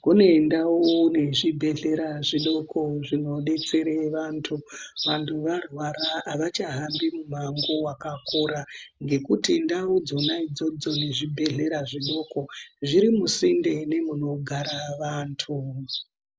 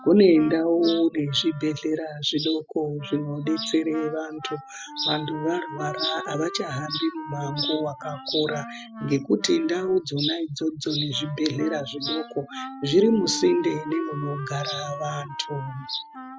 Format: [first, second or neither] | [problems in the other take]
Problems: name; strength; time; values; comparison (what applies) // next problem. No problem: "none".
first | noise reduction (classical method spectral subtraction)